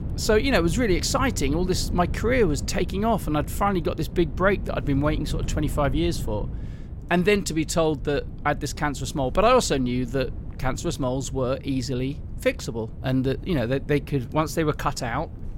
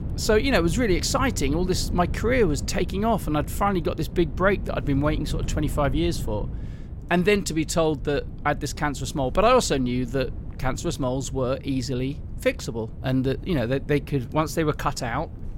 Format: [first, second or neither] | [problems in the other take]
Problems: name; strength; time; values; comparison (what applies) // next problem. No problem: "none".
neither | wind noise on the microphone; occasional gusts; 20 dB below the speech; the same in both